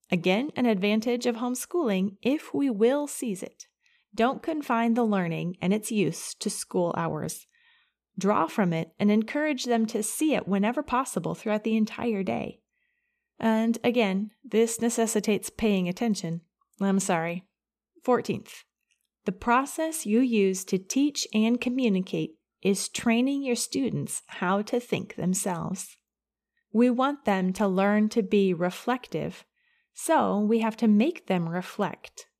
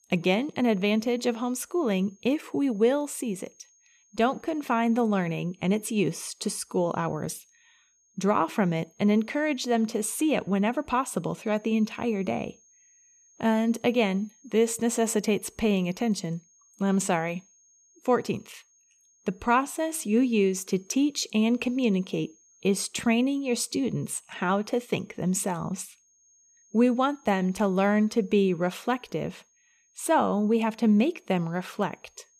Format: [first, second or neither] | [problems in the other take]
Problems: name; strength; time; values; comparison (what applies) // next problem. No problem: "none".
first | high-pitched whine; faint; throughout; 6.5 kHz, 30 dB below the speech